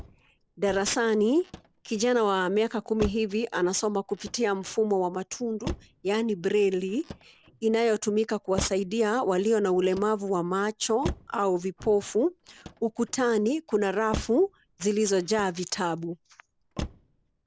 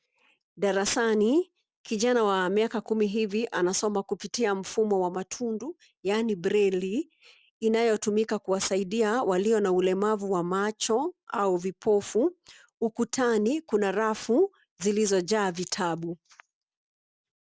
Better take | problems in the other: second | background sound (Motor vehicle (road)); 15 dB below the speech

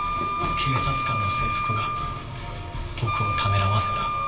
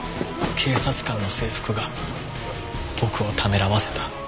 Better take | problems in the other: second | background sound (Wind instrument, woodwind instrument); as loud as the speech // room echo; dies away in 2.6 s

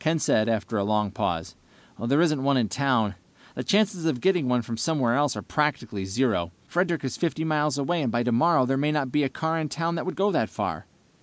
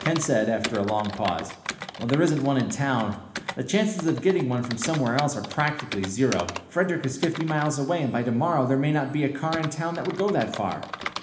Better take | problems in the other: first | background sound (Computer keyboard); 12 dB below the speech // room echo; dies away in 1 s

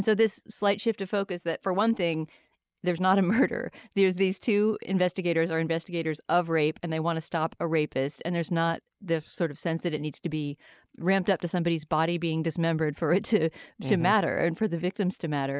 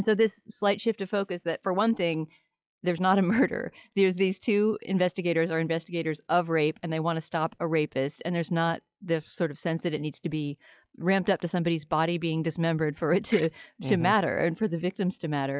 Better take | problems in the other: first | noise reduction (classical method log-MMSE)

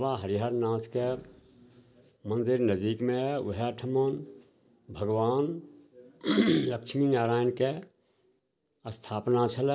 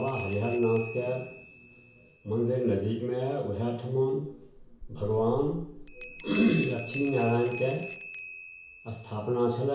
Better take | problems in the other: first | background sound (Bell); 14 dB below the speech // room echo; dies away in 0.6 s

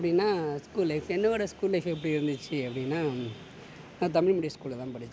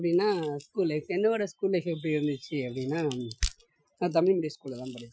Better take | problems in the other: first | noise reduction (classical method Wiener filter)

